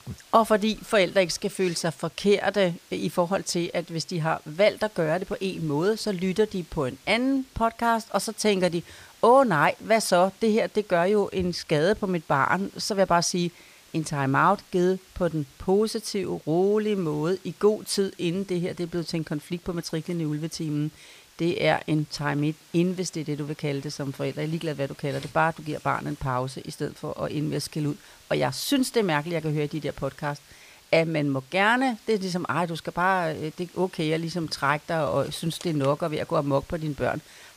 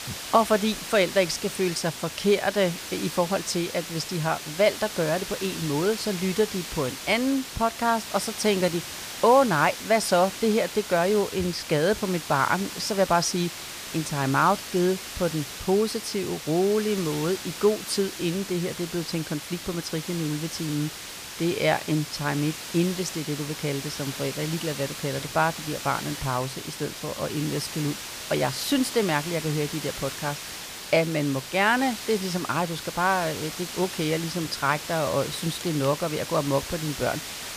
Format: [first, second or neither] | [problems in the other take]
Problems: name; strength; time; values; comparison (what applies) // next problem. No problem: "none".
first | hiss; loud; throughout; 8 dB below the speech; faint in the first